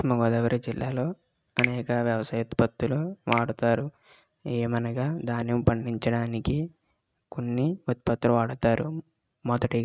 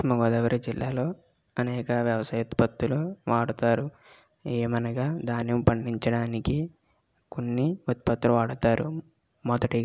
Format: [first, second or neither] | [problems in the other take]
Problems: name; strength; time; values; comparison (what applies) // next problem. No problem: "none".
second | noise reduction (neural mask model RNNoise)